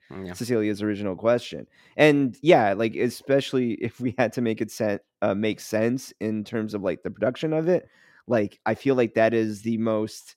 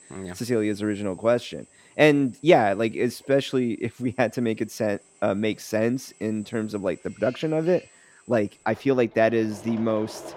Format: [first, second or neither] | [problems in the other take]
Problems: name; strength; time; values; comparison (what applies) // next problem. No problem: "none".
first | machinery noise; faint; throughout; 25 dB below the speech